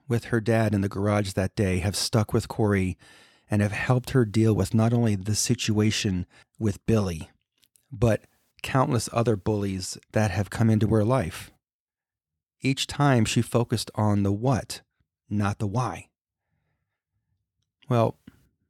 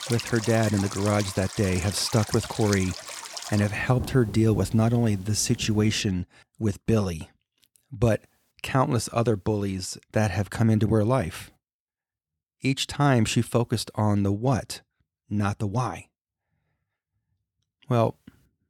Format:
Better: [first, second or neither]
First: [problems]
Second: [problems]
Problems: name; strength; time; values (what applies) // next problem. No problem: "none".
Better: first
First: none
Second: rain or running water; very faint; until 6 s; 10 dB below the speech